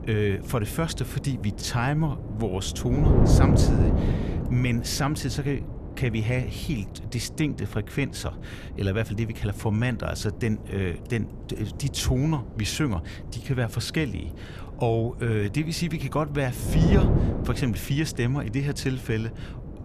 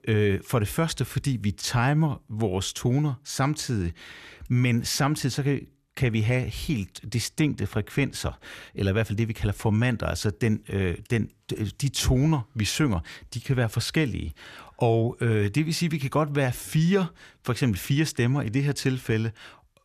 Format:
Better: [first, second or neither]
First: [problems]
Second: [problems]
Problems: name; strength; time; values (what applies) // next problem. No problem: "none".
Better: second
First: wind noise on the microphone; heavy; 6 dB below the speech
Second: none